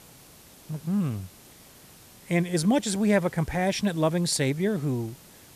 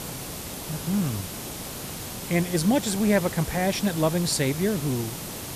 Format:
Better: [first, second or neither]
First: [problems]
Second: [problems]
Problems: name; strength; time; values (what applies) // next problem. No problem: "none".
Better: first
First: hiss; faint; throughout; 25 dB below the speech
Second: hiss; loud; throughout; 8 dB below the speech